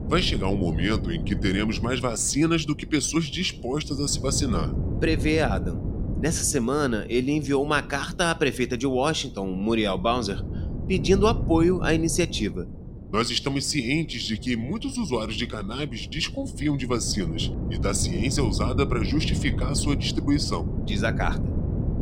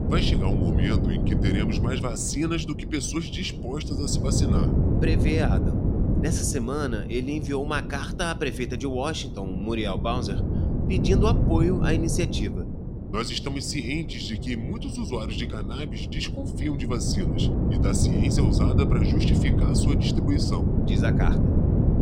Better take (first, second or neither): first